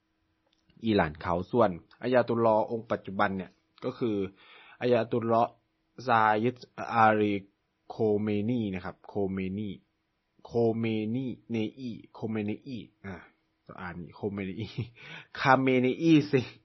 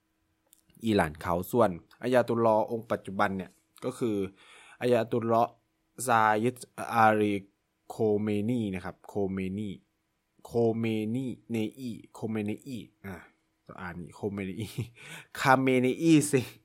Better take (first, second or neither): second